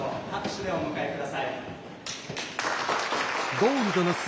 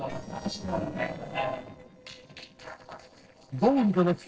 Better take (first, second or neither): first